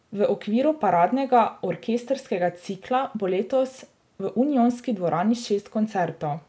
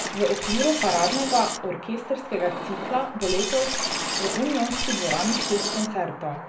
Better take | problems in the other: first | background sound (Liquid); 3 dB below the speech // room echo; dies away in 0.5 s

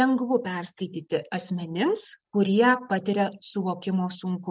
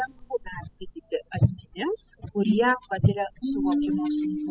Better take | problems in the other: first | noise reduction (classical method spectral subtraction)

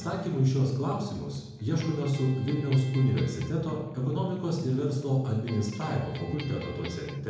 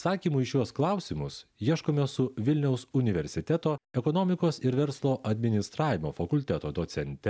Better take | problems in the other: second | background sound (Electric guitar); 15 dB below the speech // room echo; dies away in 0.9 s

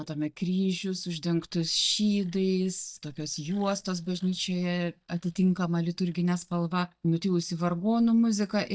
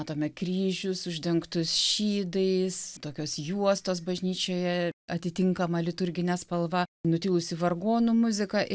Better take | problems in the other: second | noise reduction (neural mask model DeepFilterNet 3)

